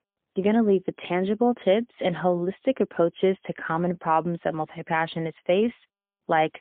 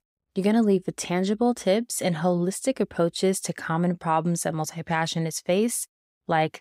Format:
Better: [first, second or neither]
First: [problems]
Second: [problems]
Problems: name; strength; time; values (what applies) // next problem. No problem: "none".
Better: second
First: phone-call audio; poor line; nothing above 3 kHz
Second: none